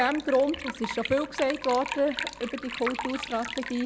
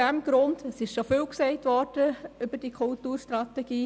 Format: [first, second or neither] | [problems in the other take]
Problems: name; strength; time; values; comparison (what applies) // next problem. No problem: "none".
second | background sound (Liquid); 9 dB below the speech